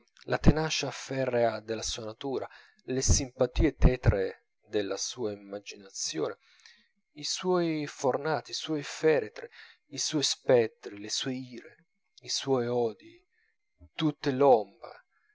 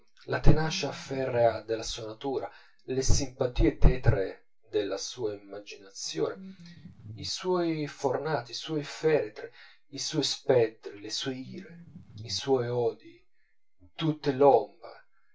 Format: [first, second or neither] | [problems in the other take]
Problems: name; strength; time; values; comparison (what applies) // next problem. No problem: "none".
first | background sound (Bass guitar); 18 dB below the speech // room echo; dies away in 0.2 s